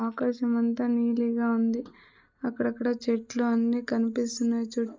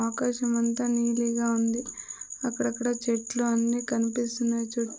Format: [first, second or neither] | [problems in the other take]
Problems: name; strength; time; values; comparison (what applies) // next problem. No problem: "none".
second | noise reduction (neural mask model DeepFilterNet 3)